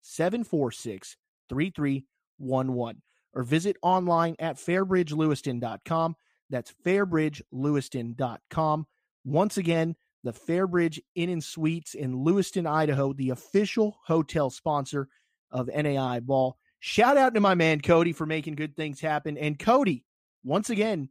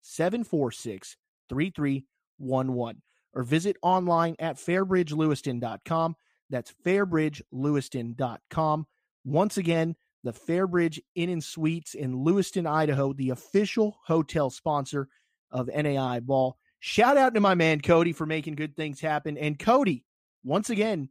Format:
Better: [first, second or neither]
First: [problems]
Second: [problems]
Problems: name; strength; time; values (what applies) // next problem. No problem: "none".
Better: neither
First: none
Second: none